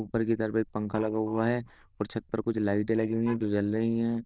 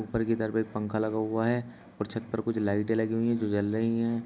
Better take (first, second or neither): second